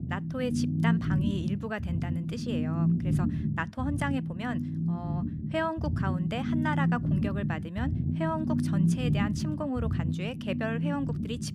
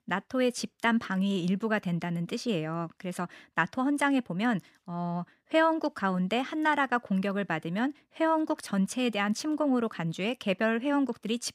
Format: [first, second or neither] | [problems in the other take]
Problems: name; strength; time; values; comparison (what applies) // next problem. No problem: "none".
second | low rumble; loud; throughout; 4 dB below the speech